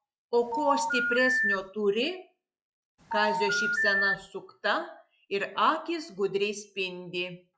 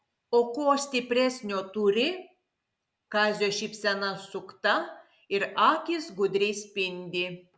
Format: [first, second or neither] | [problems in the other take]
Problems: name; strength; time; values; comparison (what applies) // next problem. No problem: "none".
second | noise reduction (classical method log-MMSE)